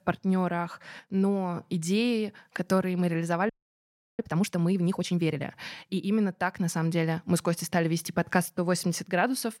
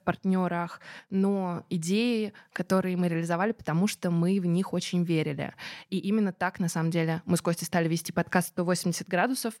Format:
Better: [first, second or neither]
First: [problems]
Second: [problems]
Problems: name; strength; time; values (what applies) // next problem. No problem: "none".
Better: second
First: audio freezing; at 3.5 s for 0.5 s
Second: none